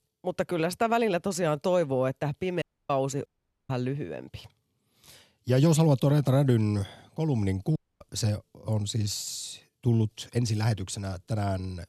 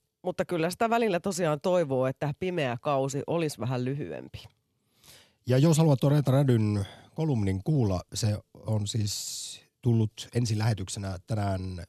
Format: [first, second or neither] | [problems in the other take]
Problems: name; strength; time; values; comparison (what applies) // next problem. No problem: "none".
second | audio cutting out; at 2.5 s, at 3.5 s and at 8 s